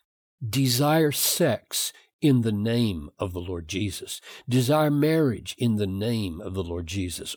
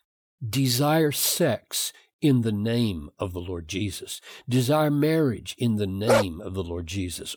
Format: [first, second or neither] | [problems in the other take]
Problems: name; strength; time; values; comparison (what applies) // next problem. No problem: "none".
first | dog barking; loud; at 6 s; peak 2 dB above the speech